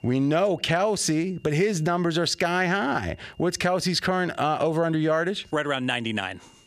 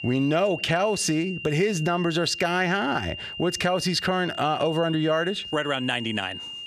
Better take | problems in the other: first | high-pitched whine; loud; throughout; 3 kHz, 10 dB below the speech; faint in the first

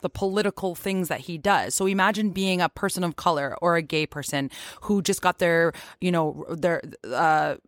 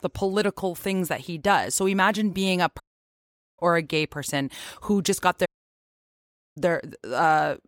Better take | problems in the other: first | audio cutting out; at 3 s for 1 s and at 5.5 s for 1 s

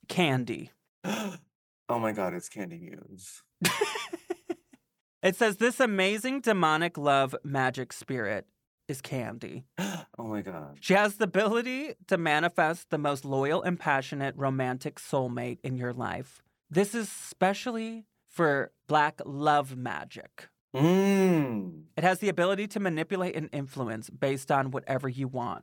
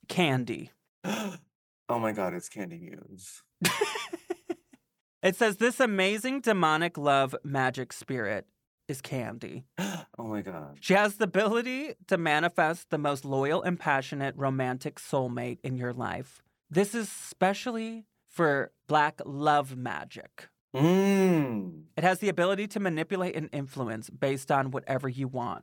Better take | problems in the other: neither | none

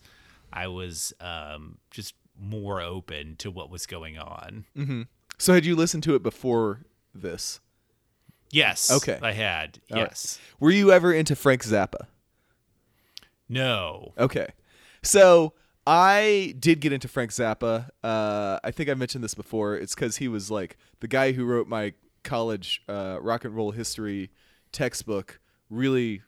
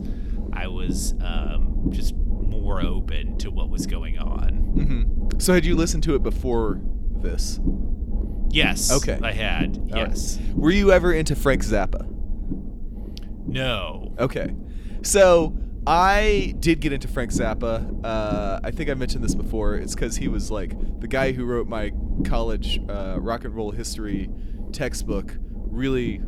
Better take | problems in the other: first | low rumble; noticeable; throughout; 15 dB below the speech

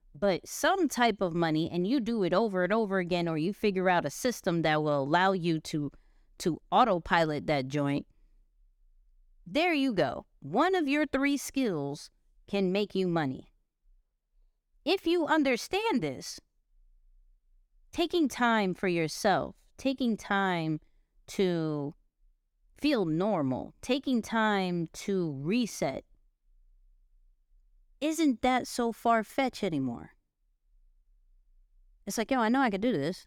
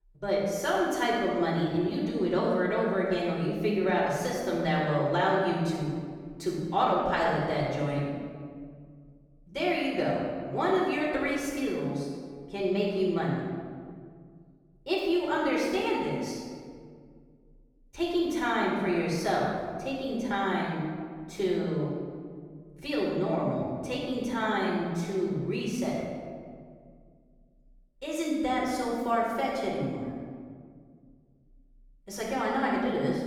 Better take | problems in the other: first | room echo; strong; dies away in 1.7 s // off-mic speech; far

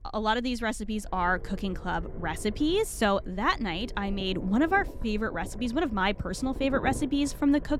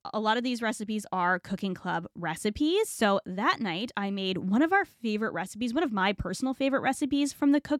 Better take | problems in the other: second | low rumble; noticeable; throughout; 20 dB below the speech

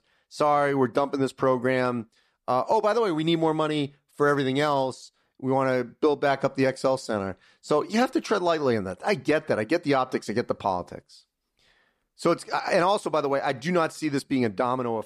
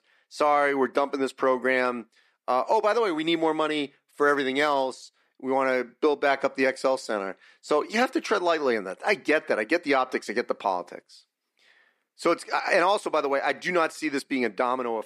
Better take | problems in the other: first | thin; very slightly; fading below 250 Hz

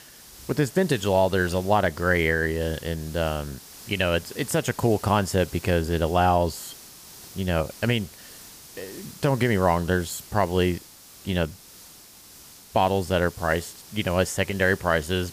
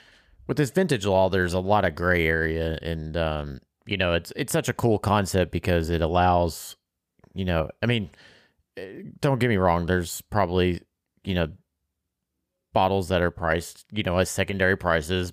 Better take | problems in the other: second | hiss; noticeable; throughout; 20 dB below the speech

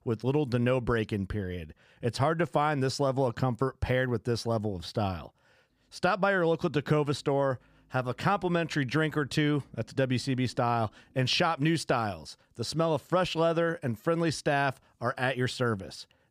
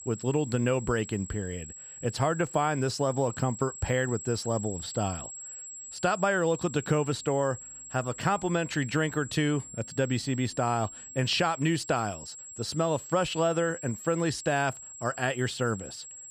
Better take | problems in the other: first | high-pitched whine; noticeable; throughout; 7.5 kHz, 10 dB below the speech

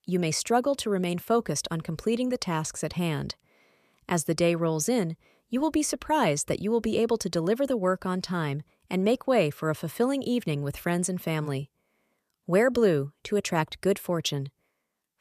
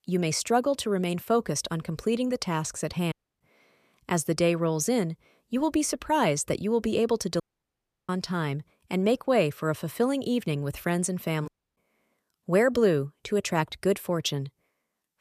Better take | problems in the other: first | audio cutting out; at 3 s, at 7.5 s for 0.5 s and at 11 s

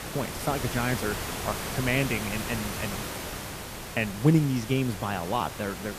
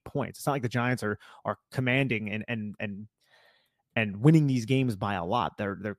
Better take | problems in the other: second | hiss; loud; throughout; 5 dB below the speech

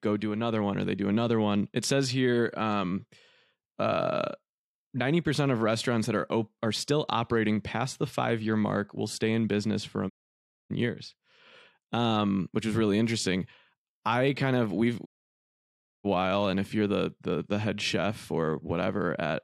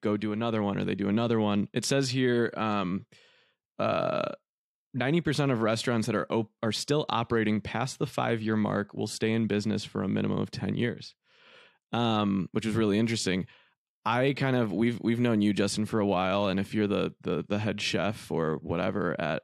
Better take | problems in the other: second | audio cutting out; at 10 s for 0.5 s and at 15 s for 1 s

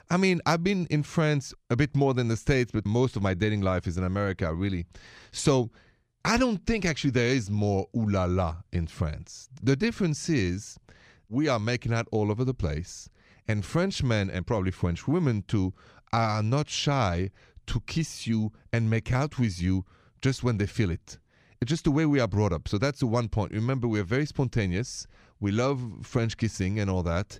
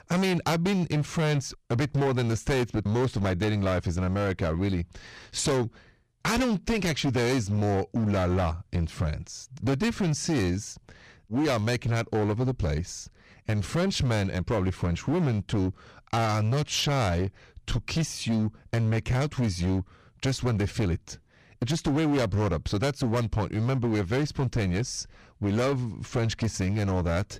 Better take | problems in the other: first | distortion; heavy; 17% of the sound clipped

